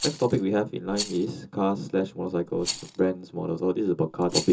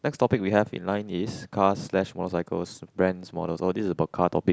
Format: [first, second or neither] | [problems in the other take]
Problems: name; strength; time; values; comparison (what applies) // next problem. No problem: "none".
second | background sound (Rattle); 11 dB below the speech // room echo; dies away in 0.2 s